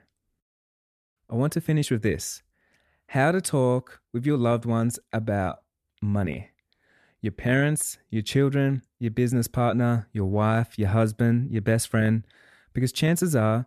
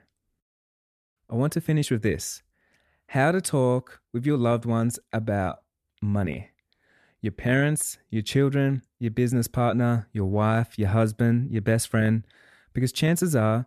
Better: neither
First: none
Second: none

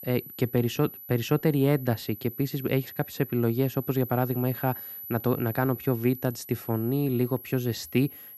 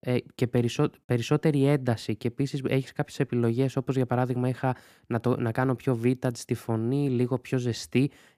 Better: second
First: high-pitched whine; noticeable; throughout; 12 kHz, 10 dB below the speech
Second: none

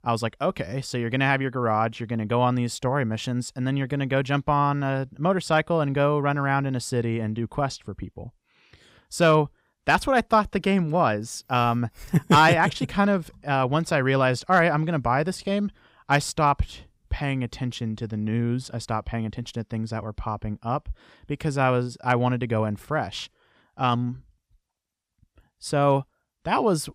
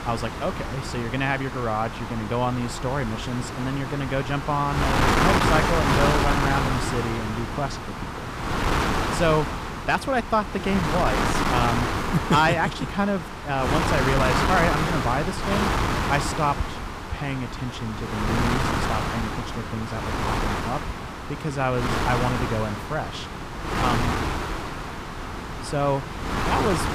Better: first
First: none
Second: wind noise on the microphone; heavy; as loud as the speech

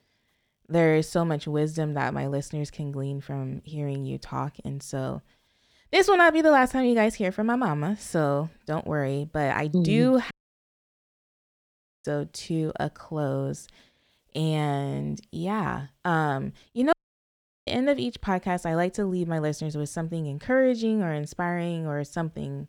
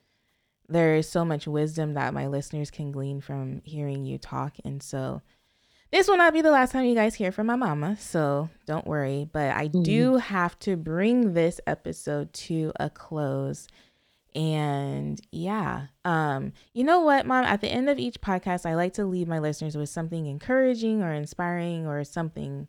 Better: second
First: audio cutting out; at 10 s for 1.5 s and at 17 s for 0.5 s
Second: none

